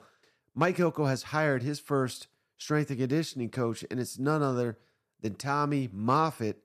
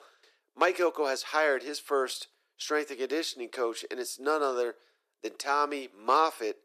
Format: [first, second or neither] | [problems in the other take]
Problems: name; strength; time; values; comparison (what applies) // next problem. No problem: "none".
first | thin; very; fading below 350 Hz